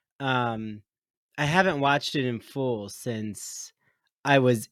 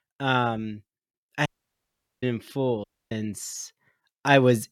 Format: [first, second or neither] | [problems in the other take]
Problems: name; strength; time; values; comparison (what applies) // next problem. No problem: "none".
first | audio cutting out; at 1.5 s for 1 s and at 3 s